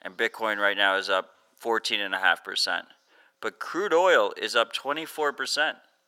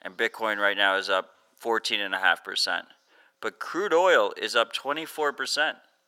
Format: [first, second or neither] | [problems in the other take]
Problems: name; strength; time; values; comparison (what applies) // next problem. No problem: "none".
neither | thin; very; fading below 700 Hz; the same in both